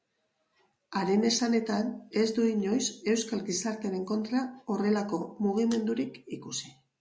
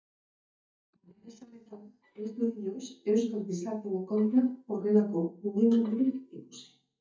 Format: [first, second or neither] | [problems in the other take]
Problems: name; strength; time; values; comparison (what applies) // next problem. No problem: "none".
first | noise reduction (neural mask model DeepFilterNet 3)